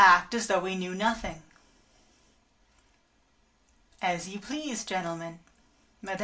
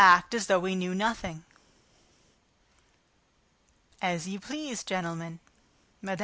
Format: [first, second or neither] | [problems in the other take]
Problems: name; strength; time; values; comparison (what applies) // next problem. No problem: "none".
second | room echo; dies away in 0.2 s